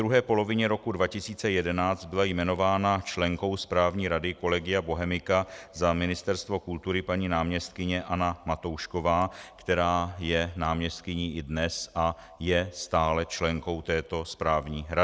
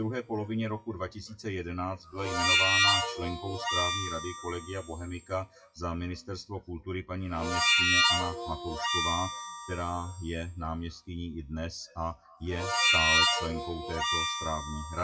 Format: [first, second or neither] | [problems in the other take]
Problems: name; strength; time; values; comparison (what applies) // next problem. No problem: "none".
first | noise reduction (classical method WPE with log-MMSE)